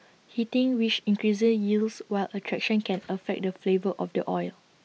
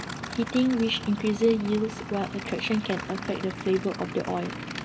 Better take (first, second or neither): first